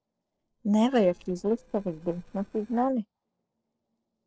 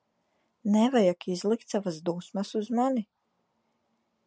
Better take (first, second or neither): second